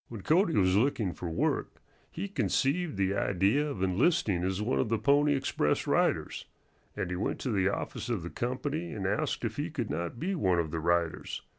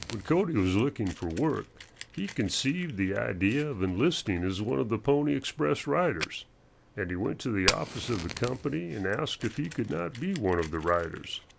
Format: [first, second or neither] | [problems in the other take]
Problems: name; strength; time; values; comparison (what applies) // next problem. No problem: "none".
first | background sound (Fire); 13 dB below the speech